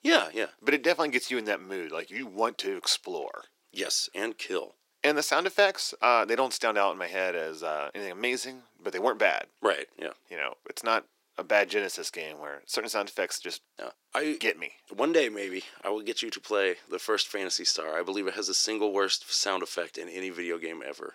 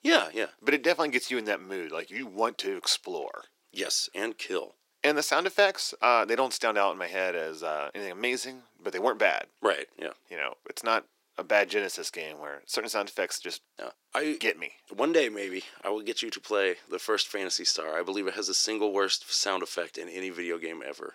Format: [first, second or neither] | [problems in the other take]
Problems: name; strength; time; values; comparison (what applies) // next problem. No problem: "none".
neither | thin; somewhat; fading below 350 Hz; the same in both